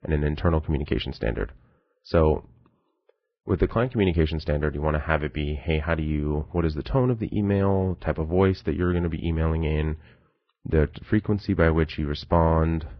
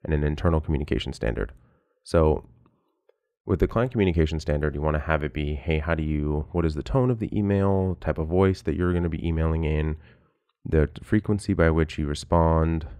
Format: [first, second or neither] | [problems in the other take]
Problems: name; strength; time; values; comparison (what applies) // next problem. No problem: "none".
second | garbled, watery; badly; nothing above 5 kHz